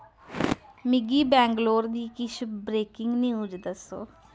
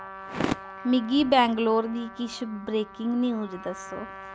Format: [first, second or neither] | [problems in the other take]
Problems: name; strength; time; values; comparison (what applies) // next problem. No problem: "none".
first | background sound (Trumpet); 16 dB below the speech